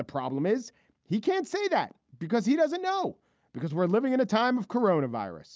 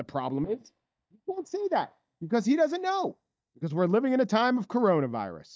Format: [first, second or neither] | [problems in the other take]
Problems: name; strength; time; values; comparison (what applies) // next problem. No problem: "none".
first | noise reduction (neural mask model DeepFilterNet 3)